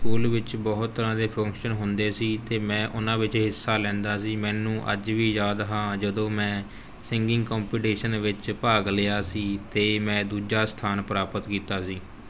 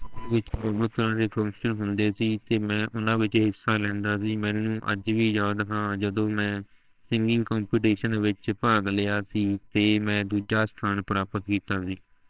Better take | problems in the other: first | noise reduction (neural separator model SepFormer WHAMR!)

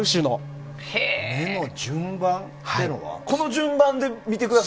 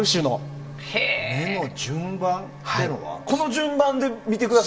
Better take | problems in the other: first | room echo; dies away in 1.1 s

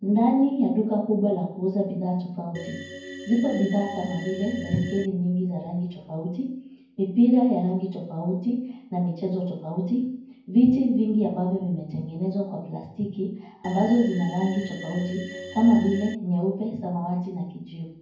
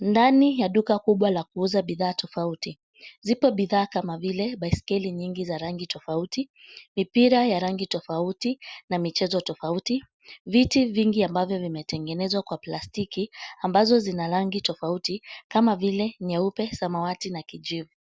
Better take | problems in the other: second | background sound (Organ); 13 dB below the speech // room echo; dies away in 0.9 s

